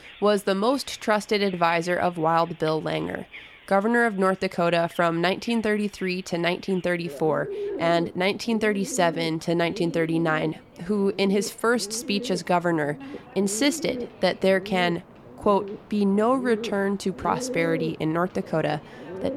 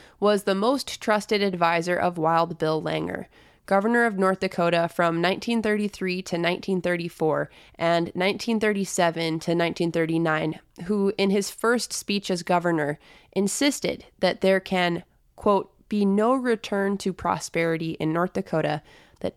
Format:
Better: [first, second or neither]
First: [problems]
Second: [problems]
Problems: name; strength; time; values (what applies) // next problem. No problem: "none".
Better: second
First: animal sounds; noticeable; throughout; 15 dB below the speech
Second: none